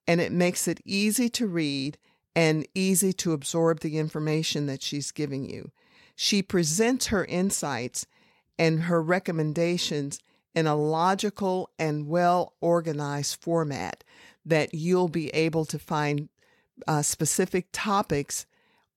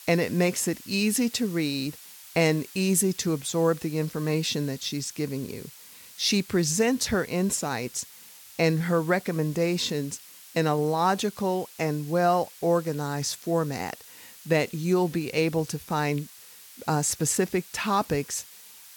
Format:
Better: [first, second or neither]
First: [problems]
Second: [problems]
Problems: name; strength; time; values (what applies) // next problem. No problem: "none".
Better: first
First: none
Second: hiss; noticeable; throughout; 20 dB below the speech